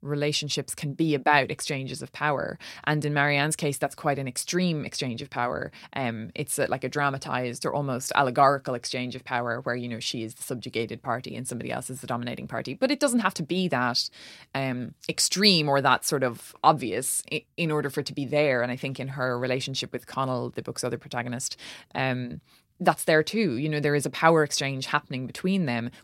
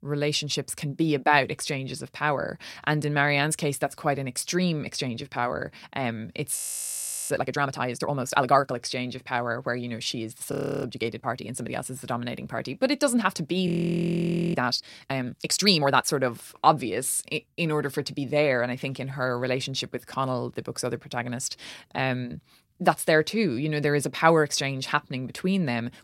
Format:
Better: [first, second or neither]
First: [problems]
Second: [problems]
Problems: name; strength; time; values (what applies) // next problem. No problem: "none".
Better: first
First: none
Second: audio freezing; at 6.5 s for 0.5 s, at 11 s and at 14 s for 1 s